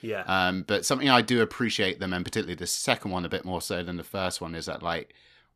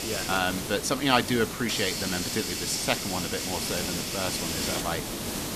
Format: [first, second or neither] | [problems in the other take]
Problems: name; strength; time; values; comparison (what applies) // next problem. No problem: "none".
first | hiss; loud; throughout; 2 dB below the speech